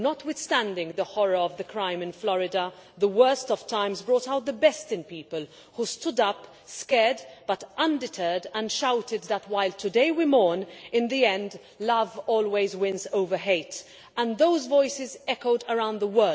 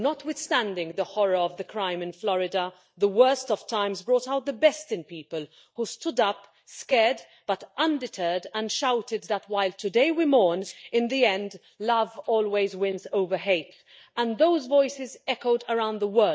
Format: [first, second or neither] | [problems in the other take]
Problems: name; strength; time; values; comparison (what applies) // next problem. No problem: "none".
first | noise reduction (neural mask model DeepFilterNet 3)